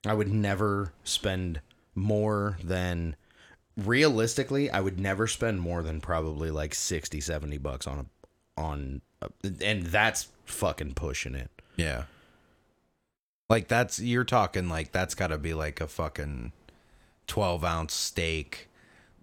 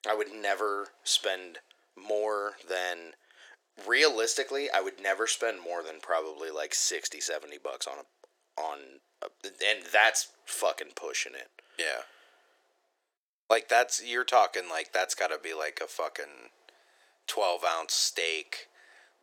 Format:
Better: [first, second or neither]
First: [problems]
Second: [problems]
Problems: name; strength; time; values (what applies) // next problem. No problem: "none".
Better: first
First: none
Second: thin; very; fading below 400 Hz